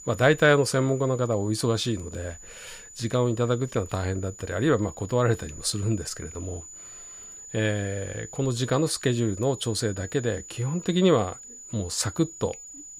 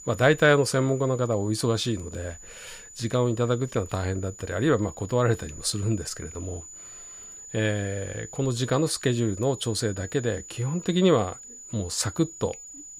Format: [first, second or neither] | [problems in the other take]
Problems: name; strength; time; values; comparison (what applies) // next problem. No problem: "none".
neither | high-pitched whine; noticeable; throughout; 7 kHz, 15 dB below the speech; the same in both